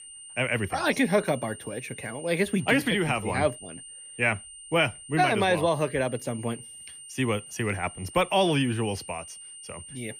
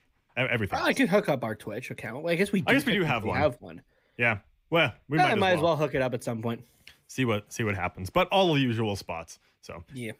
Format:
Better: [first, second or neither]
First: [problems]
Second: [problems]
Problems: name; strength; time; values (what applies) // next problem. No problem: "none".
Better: second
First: high-pitched whine; noticeable; throughout; 9 kHz, 15 dB below the speech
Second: none